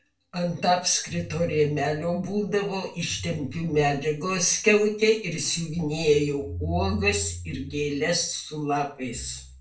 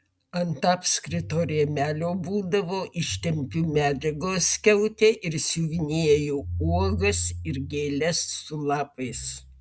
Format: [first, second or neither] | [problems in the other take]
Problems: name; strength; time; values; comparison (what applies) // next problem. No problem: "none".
second | room echo; dies away in 0.3 s